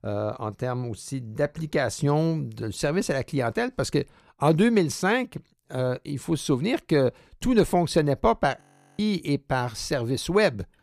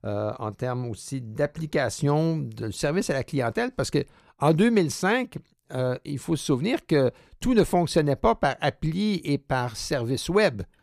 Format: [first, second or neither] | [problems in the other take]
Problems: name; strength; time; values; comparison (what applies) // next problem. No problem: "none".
second | audio freezing; at 8.5 s